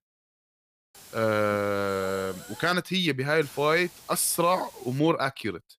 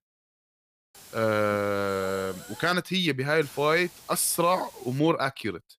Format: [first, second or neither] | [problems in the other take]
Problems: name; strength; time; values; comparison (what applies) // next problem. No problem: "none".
neither | hiss; noticeable; from 1 to 2.5 s and from 3.5 to 5 s; 20 dB below the speech; the same in both